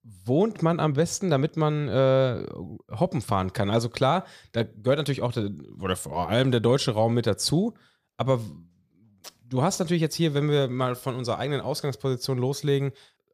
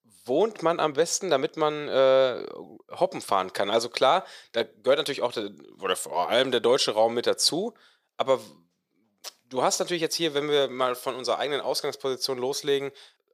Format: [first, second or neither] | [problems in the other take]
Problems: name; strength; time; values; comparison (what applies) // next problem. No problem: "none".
first | thin; somewhat; fading below 450 Hz